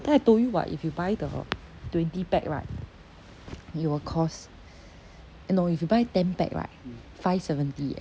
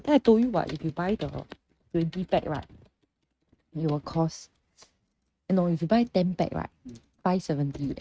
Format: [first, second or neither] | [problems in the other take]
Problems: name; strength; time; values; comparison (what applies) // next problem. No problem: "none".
first | noise reduction (neural mask model RNNoise)